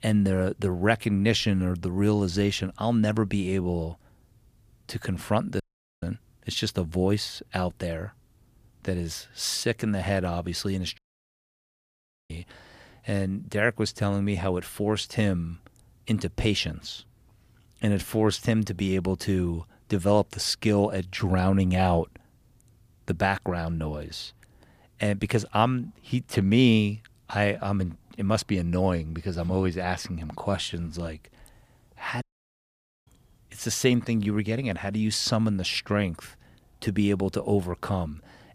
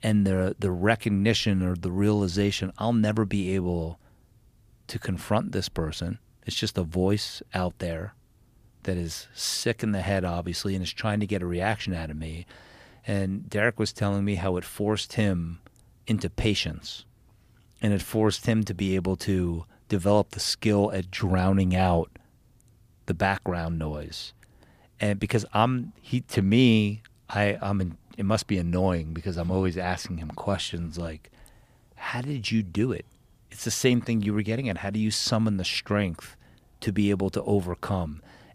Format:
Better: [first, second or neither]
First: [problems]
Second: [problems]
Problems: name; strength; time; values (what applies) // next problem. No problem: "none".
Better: second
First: audio cutting out; at 5.5 s, at 11 s for 1.5 s and at 32 s for 1 s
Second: none